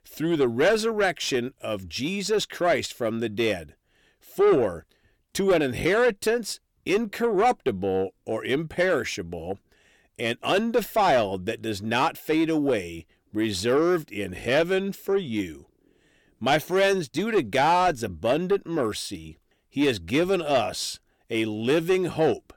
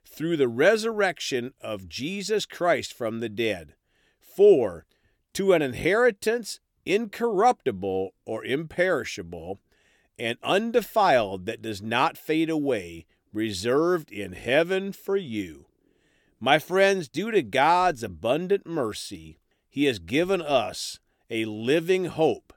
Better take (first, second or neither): second